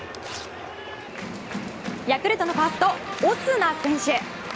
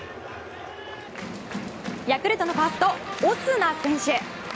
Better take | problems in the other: second | background sound (Tearing + Bird); 19 dB below the speech

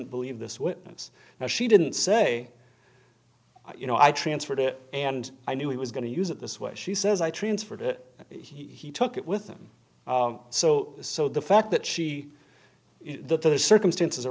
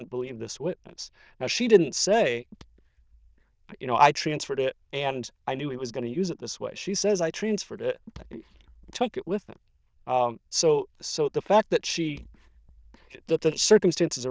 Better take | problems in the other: first | noise reduction (neural diffusion model UNIVERSE++)

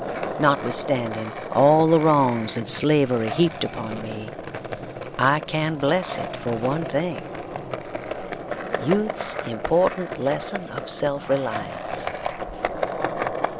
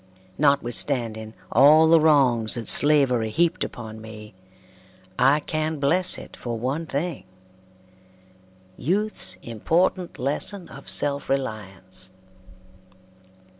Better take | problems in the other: second | background sound (Skateboard); 7 dB below the speech

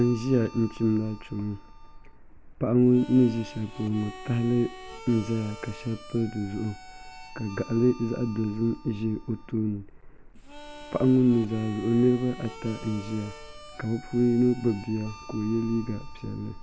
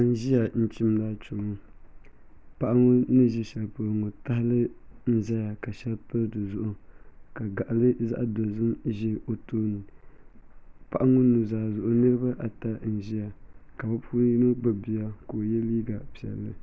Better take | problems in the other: second | background sound (Harmonica); 19 dB below the speech

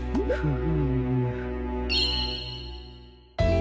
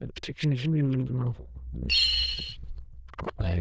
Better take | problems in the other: first | noise reduction (neural diffusion model UNIVERSE++)

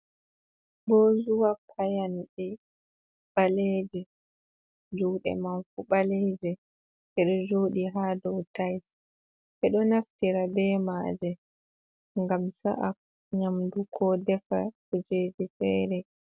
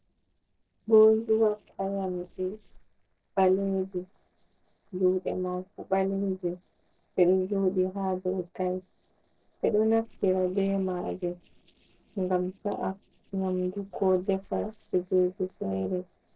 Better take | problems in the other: first | noise reduction (neural separator model SepFormer DNS4)

